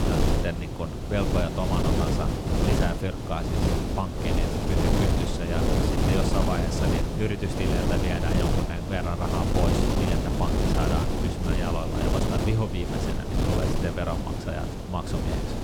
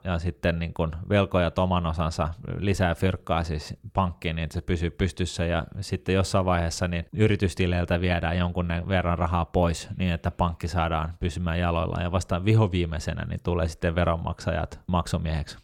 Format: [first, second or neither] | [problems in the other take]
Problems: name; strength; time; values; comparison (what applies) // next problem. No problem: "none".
second | wind noise on the microphone; heavy; 2 dB above the speech